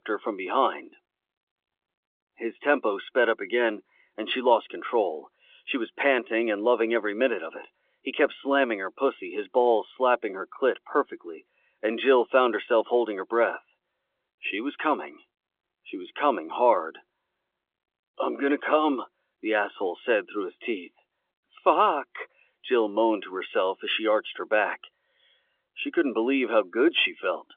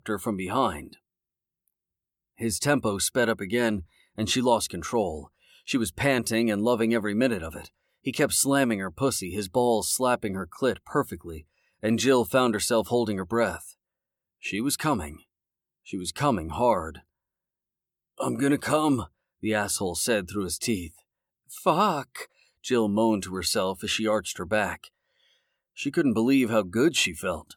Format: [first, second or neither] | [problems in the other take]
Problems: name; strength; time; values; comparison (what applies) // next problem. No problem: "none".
second | phone-call audio; nothing above 3.5 kHz